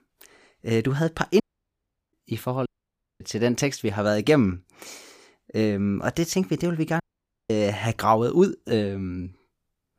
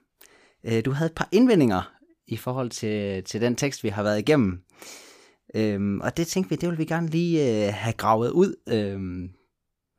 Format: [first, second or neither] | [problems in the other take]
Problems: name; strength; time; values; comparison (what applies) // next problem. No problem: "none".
second | audio cutting out; at 1.5 s for 0.5 s, at 2.5 s for 0.5 s and at 7 s